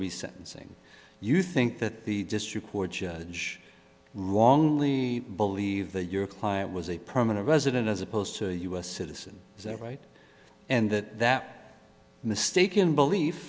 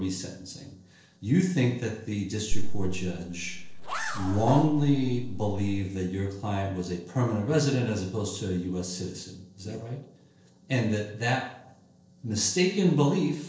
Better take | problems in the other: first | noise reduction (neural separator model SepFormer DNS4)

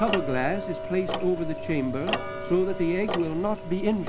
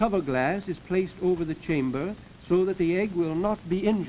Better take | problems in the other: second | background sound (Tick-tock + Tick-tock); 4 dB below the speech

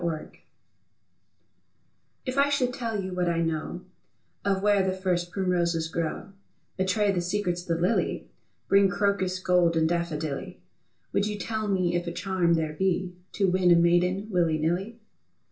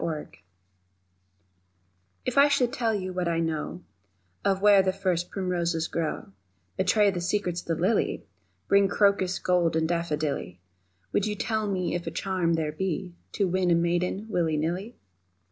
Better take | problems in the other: second | room echo; dies away in 0.2 s

